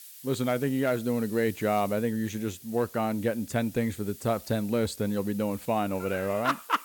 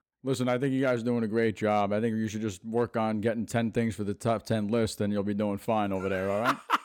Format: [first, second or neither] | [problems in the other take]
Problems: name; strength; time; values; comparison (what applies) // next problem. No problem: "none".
second | hiss; noticeable; throughout; 15 dB below the speech